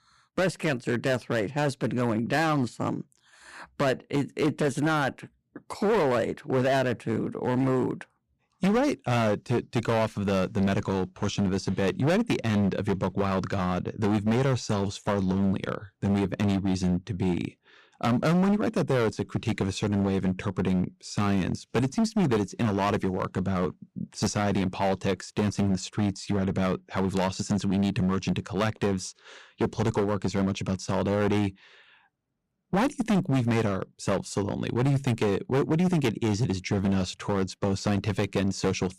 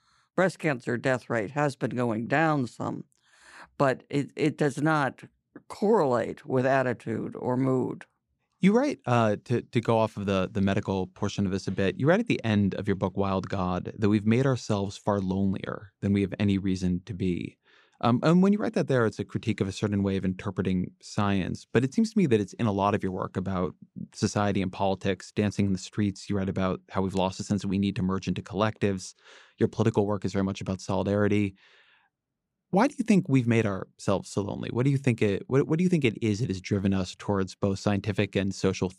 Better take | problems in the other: second | distortion; heavy; 13% of the sound clipped

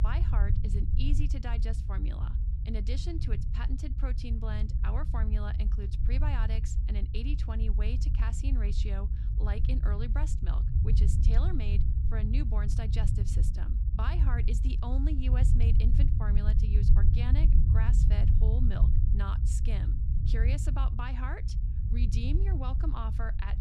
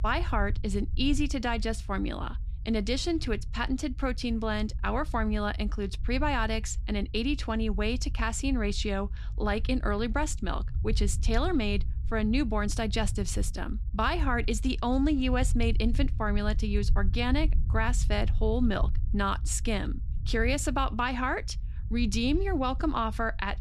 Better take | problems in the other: second | low rumble; loud; throughout; 3 dB below the speech; faint in the second

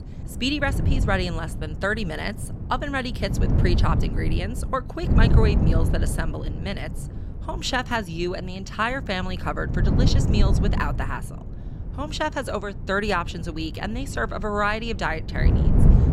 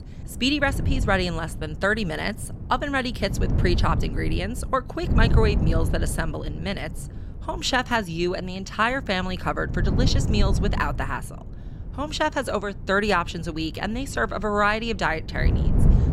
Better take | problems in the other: second | wind noise on the microphone; heavy; 10 dB below the speech; occasional gusts in the second

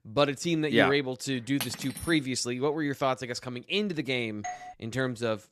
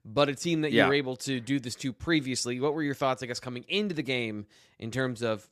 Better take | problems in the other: second | clattering dishes; noticeable; at 1.5 s; peak 7 dB below the speech // doorbell; faint; at 4.5 s; peak 10 dB below the speech

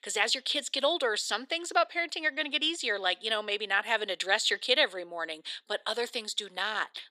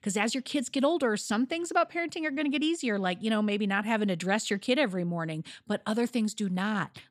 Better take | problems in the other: second | thin; very; fading below 400 Hz

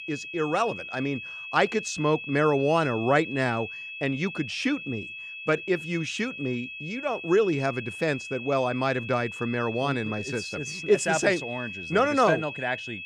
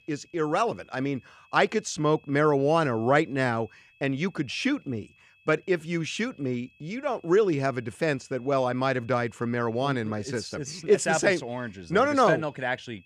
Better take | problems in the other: second | high-pitched whine; loud; throughout; 2.5 kHz, 9 dB below the speech; faint in the second

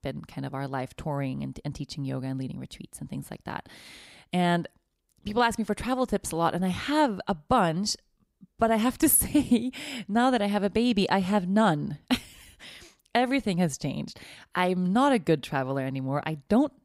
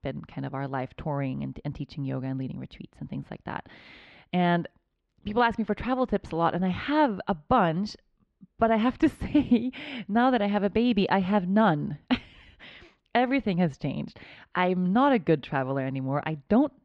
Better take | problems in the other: first | muffled; slightly; fading above 3 kHz

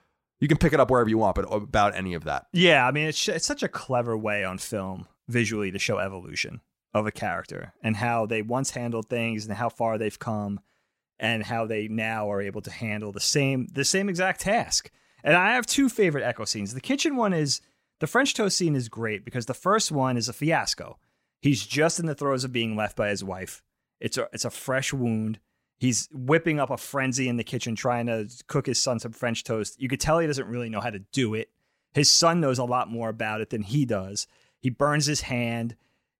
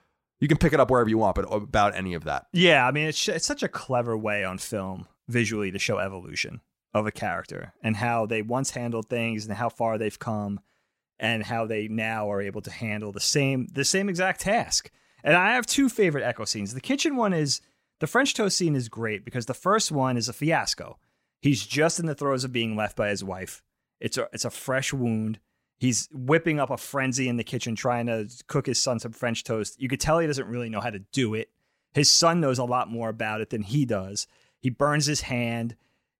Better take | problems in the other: neither | none

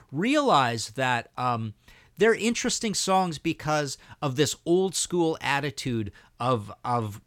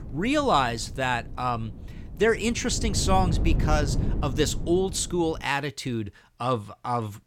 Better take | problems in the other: first | wind noise on the microphone; occasional gusts; until 5.5 s; 15 dB below the speech

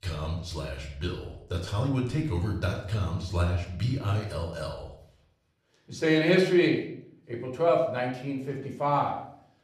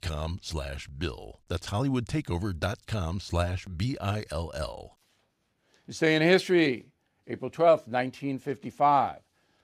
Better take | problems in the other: second | off-mic speech; somewhat distant // room echo; slight; dies away in 0.6 s

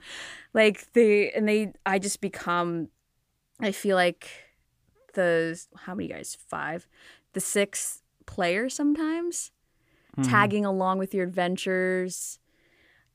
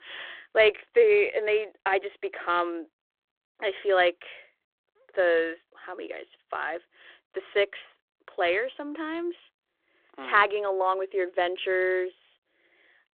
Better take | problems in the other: first | phone-call audio

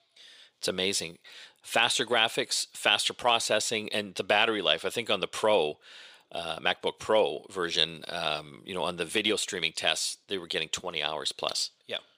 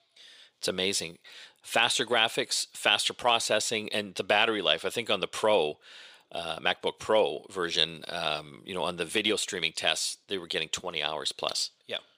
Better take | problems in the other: neither | thin; very; fading below 450 Hz; the same in both

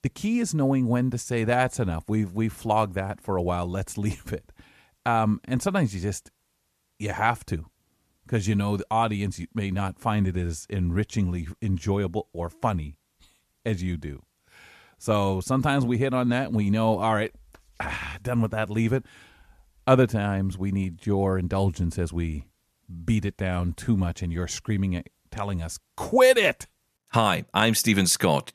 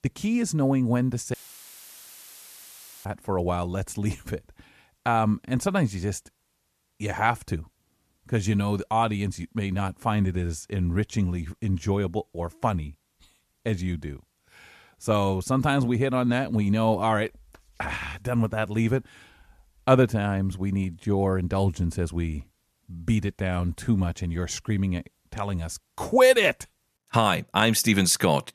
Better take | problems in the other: first | audio cutting out; filled with static; at 1.5 s for 1.5 s

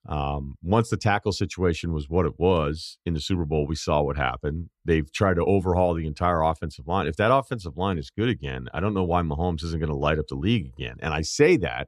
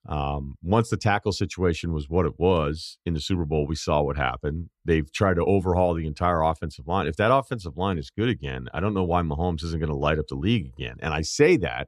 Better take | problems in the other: neither | none

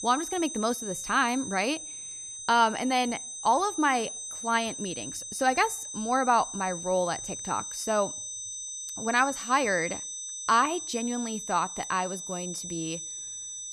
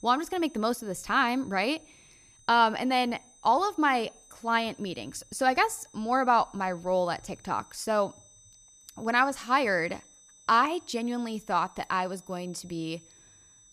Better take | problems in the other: second | high-pitched whine; loud; throughout; 6 kHz, 7 dB below the speech; faint in the second

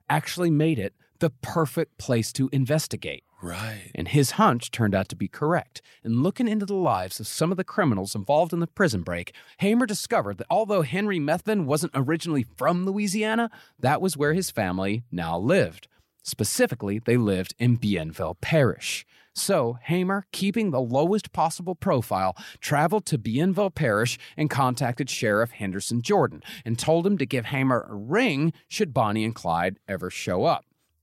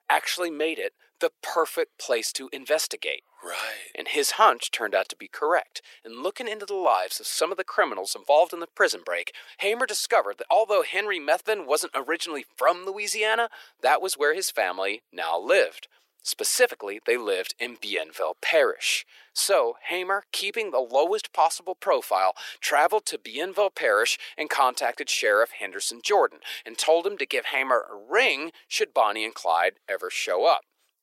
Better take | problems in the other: first | thin; very; fading below 400 Hz

